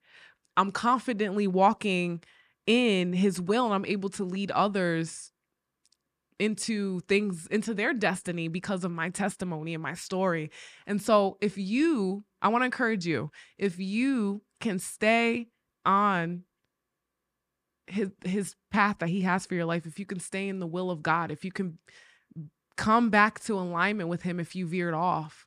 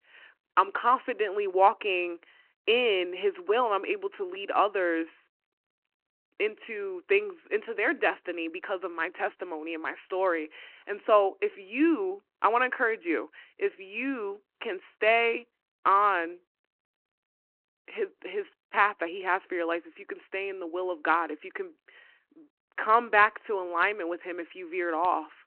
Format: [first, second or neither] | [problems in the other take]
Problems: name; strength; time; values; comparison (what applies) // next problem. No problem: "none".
first | phone-call audio